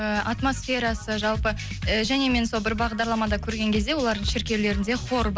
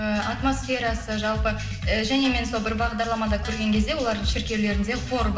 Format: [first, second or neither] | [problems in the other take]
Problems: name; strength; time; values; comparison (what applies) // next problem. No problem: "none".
first | background sound (Guitar); 19 dB below the speech // room echo; dies away in 0.9 s